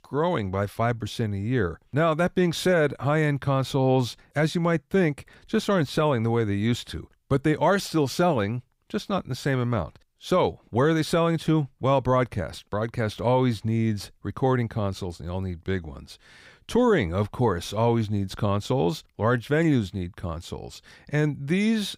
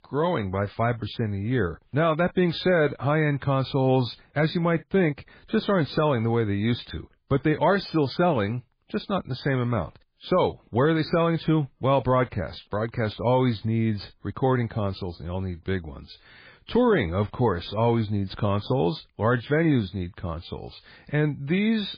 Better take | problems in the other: first | garbled, watery; badly

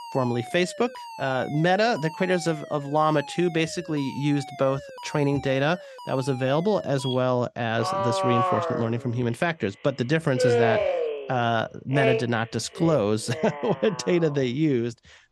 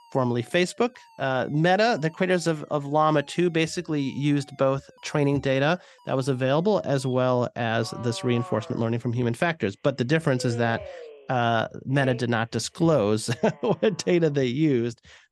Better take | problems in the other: second | alarms or sirens; loud; throughout; 6 dB below the speech; faint in the second

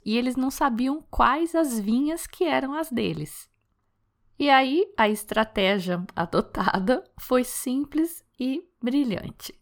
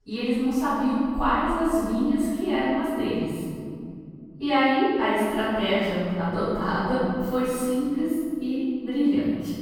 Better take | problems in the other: first | off-mic speech; far // room echo; strong; dies away in 2.9 s

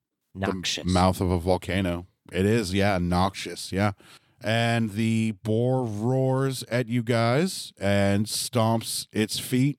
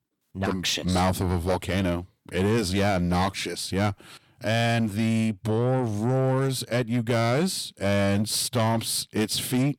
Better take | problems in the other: first | distortion; slight; 10 dB below the speech

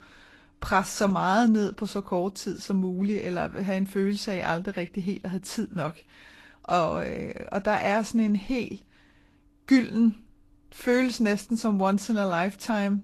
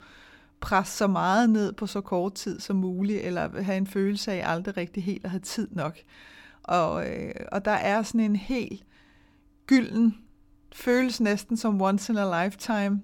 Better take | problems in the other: second | garbled, watery; slightly; nothing above 12.5 kHz

